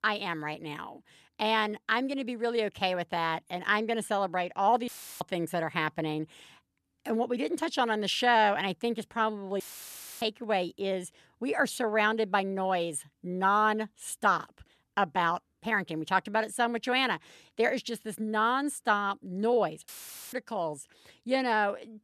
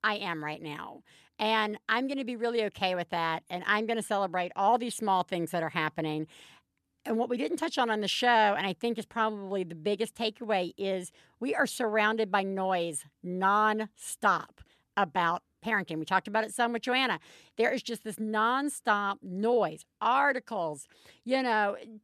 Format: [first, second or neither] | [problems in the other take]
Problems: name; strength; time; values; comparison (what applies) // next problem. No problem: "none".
second | audio cutting out; filled with static; at 5 s, at 9.5 s for 0.5 s and at 20 s